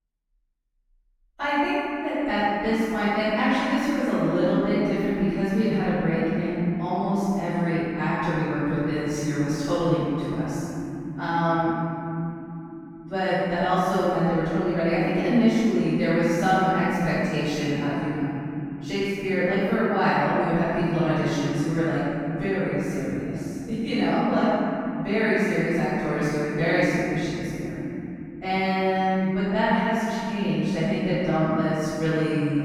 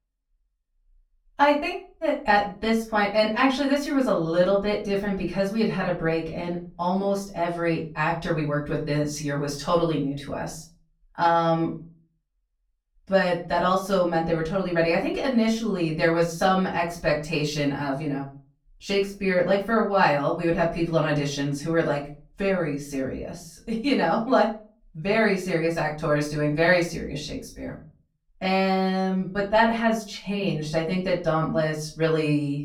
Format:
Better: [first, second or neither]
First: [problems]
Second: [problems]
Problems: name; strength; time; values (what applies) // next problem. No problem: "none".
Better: second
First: room echo; strong; dies away in 3 s // off-mic speech; far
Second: room echo; slight; dies away in 0.3 s // off-mic speech; far